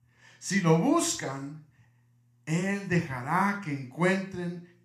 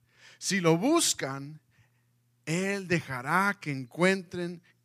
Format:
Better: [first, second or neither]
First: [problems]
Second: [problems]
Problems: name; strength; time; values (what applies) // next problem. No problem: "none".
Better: second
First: room echo; slight; dies away in 0.4 s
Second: none